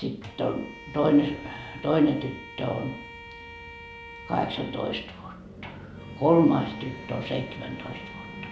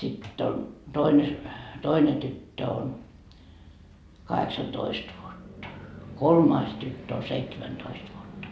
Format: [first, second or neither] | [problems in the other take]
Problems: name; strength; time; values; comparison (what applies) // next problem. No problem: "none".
second | background sound (Bowed string instrument); 17 dB below the speech